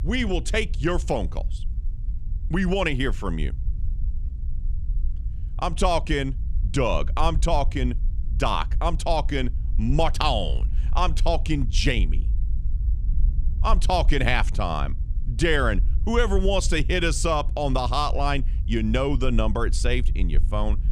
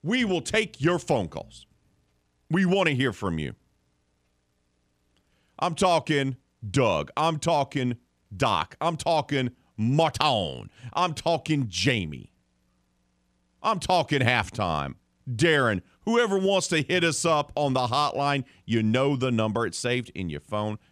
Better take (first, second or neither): second